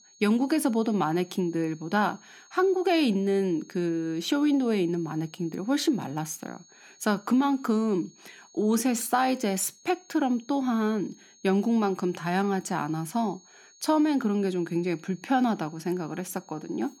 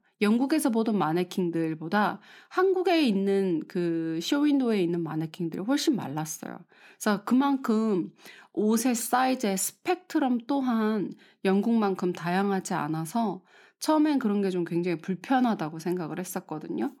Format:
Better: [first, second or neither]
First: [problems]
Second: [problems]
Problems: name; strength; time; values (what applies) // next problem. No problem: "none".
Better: second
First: high-pitched whine; faint; throughout; 6.5 kHz, 25 dB below the speech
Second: none